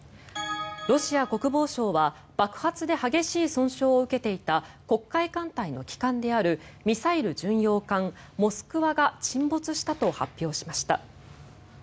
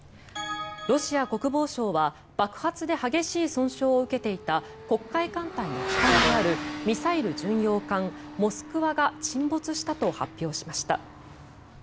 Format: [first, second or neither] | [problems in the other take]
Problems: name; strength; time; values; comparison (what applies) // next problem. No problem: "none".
first | background sound (Motorcycle / Accelerating, revving, vroom); 7 dB below the speech